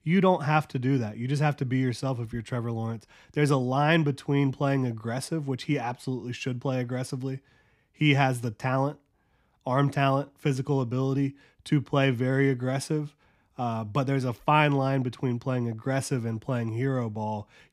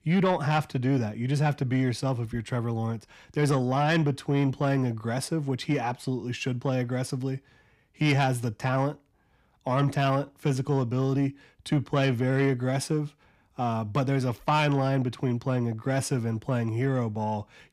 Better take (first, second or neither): first